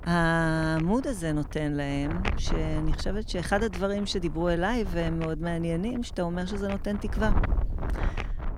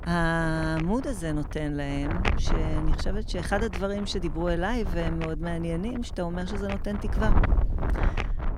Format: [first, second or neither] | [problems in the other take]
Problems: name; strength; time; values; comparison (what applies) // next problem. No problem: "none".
first | wind noise on the microphone; heavy; 6 dB below the speech; occasional gusts in the first